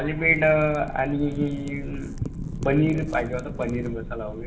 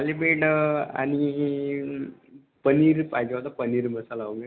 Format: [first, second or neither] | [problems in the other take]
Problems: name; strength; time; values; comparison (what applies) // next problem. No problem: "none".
second | background sound (Wind / Fire); 8 dB below the speech // room echo; dies away in 1.8 s